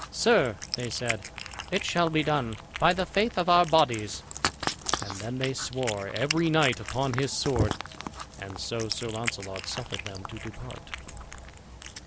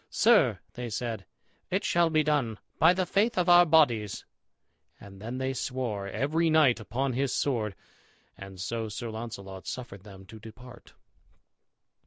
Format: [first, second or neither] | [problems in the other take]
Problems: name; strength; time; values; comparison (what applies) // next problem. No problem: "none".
second | background sound (Cat); 7 dB below the speech